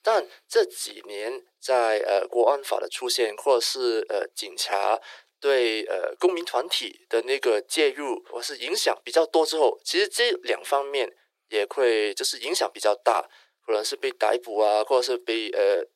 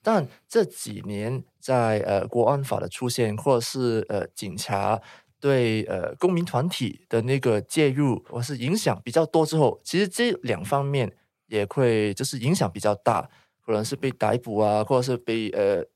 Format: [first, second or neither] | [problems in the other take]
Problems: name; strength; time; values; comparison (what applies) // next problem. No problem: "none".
second | thin; very; fading below 350 Hz